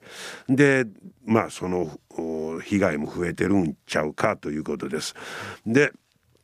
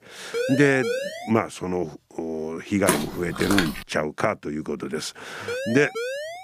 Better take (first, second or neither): first